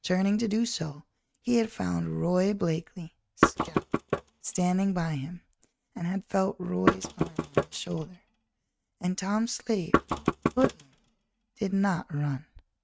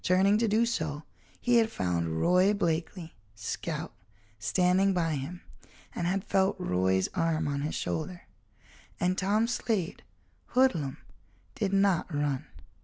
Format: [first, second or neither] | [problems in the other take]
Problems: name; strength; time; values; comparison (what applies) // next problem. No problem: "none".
second | noise reduction (neural mask model RNNoise)